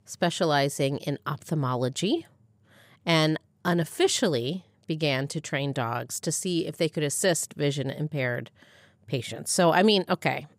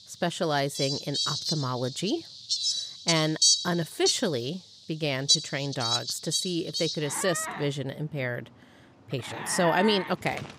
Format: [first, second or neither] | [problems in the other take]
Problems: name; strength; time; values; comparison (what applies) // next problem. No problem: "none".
first | animal sounds; very loud; throughout; 1 dB above the speech